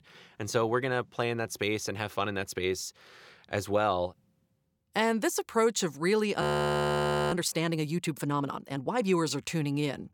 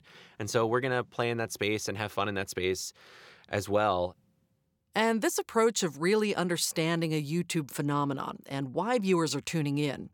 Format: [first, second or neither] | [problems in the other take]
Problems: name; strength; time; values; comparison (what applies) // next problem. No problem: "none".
second | audio freezing; at 6.5 s for 1 s